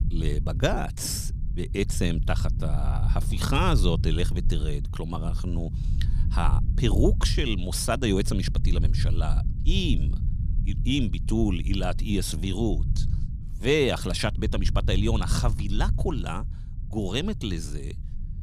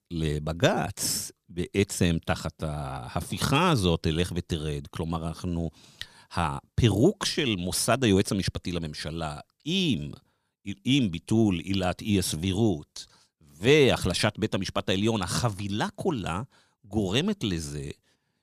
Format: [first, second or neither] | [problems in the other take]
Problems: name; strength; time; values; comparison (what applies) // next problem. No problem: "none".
second | low rumble; noticeable; throughout; 15 dB below the speech